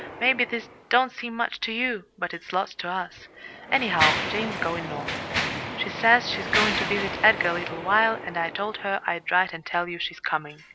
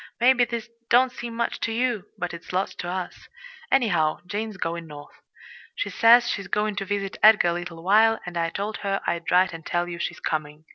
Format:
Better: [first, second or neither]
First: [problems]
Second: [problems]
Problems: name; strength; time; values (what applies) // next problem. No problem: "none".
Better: second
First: background sound (Mechanisms); 6 dB below the speech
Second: none